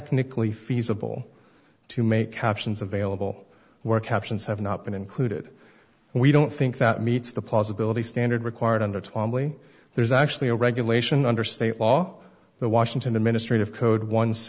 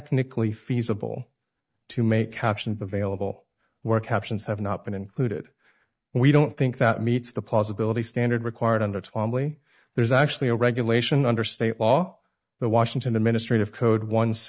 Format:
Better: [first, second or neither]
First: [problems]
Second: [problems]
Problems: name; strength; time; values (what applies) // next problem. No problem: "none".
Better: first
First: none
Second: noise reduction (neural mask model DeepFilterNet 3)